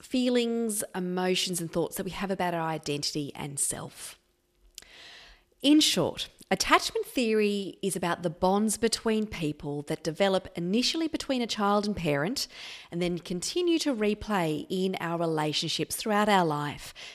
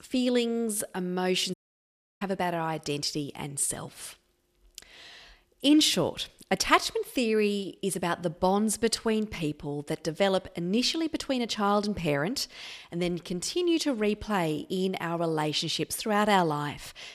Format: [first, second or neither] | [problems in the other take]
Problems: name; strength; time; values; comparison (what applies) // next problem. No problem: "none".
first | audio cutting out; at 1.5 s for 0.5 s